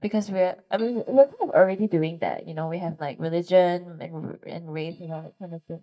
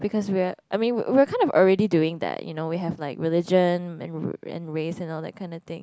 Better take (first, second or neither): second